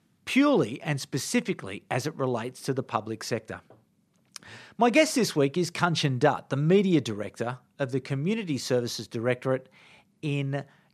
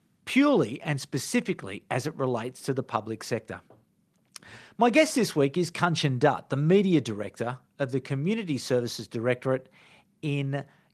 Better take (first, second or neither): first